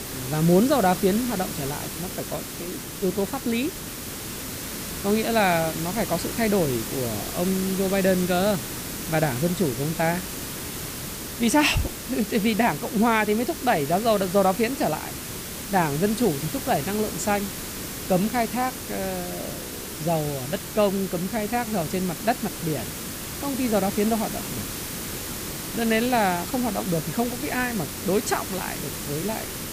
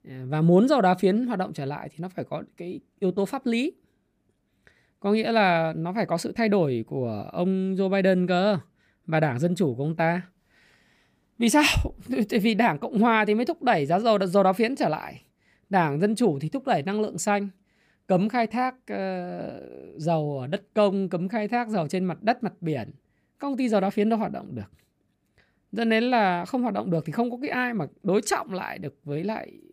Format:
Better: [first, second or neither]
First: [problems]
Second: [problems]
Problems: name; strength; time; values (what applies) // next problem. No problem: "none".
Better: second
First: hiss; loud; throughout; 6 dB below the speech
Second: none